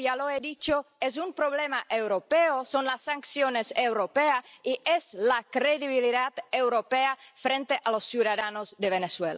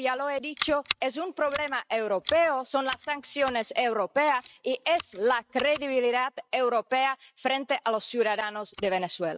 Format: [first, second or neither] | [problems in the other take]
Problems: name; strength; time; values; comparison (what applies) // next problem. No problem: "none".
first | noise reduction (neural mask model RNNoise)